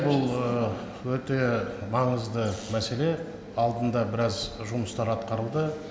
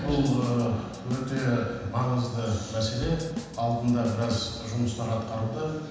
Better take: first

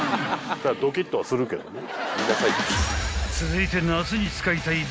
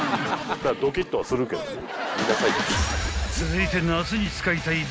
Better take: first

